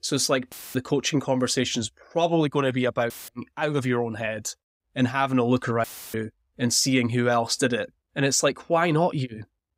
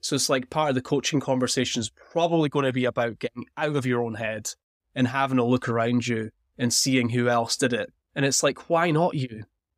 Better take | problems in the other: second | audio cutting out; filled with static; at 0.5 s, at 3 s and at 6 s

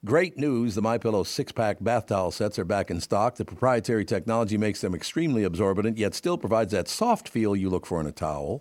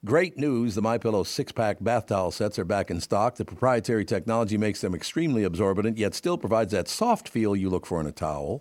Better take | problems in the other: neither | none

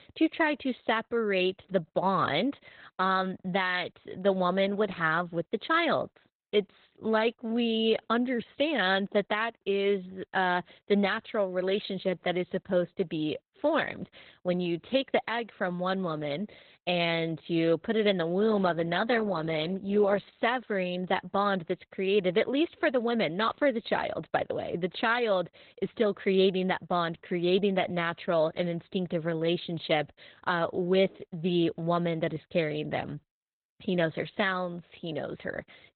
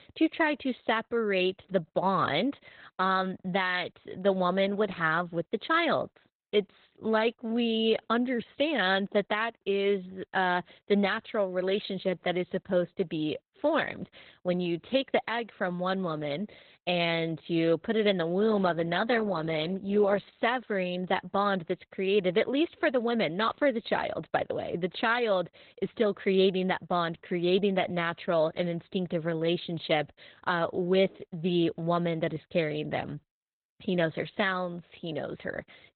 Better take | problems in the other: neither | garbled, watery; badly; nothing above 4 kHz; the same in both

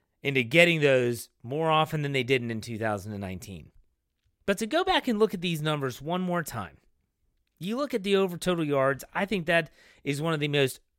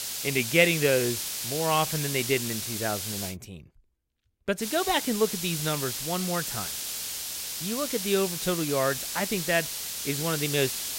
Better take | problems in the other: first | hiss; loud; until 3.5 s and from 4.5 s on; 3 dB below the speech

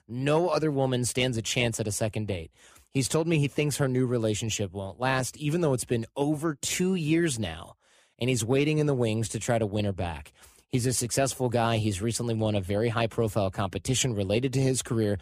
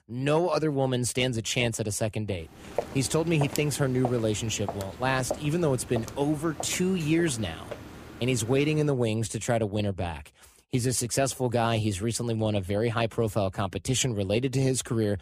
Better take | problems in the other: first | footsteps; noticeable; from 3 to 8.5 s; peak 7 dB below the speech

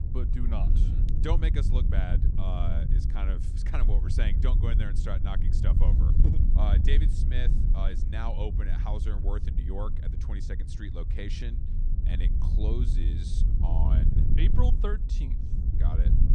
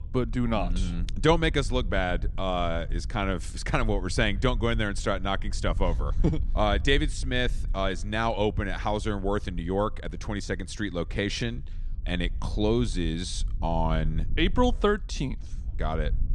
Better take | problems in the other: second | wind noise on the microphone; heavy; 4 dB below the speech; occasional gusts in the second

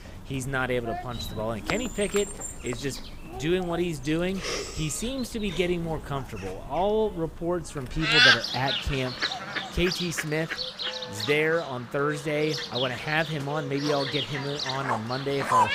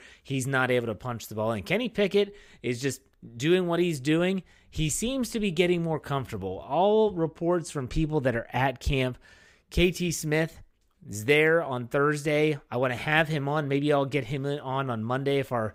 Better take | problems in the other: second | animal sounds; very loud; throughout; 1 dB above the speech

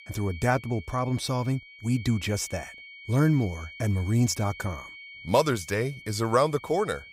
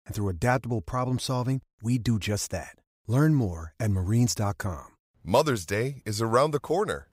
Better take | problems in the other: second | high-pitched whine; noticeable; throughout; 2 kHz, 15 dB below the speech

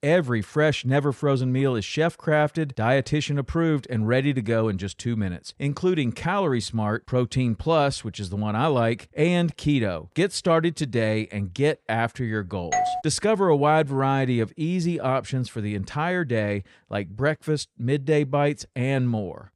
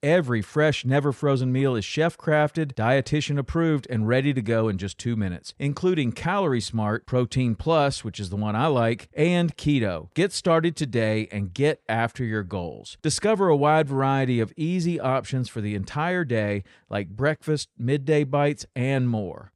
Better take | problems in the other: second | doorbell; noticeable; at 13 s; peak 1 dB below the speech

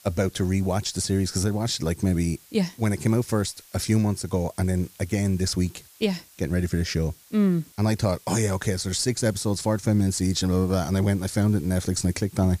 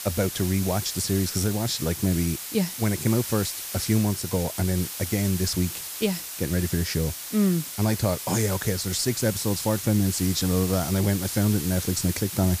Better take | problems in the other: first | hiss; loud; throughout; 6 dB below the speech; faint in the first

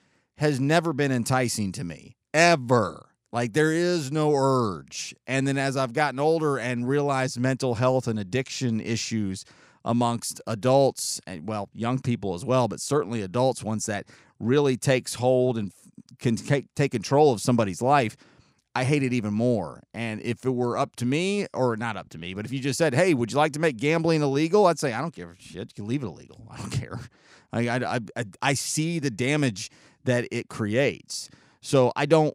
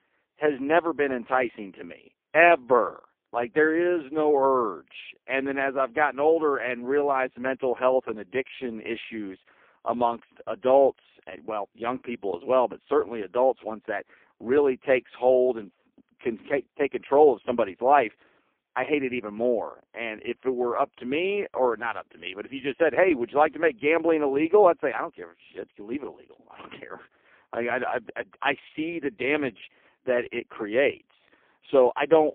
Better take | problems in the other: first | phone-call audio; poor line

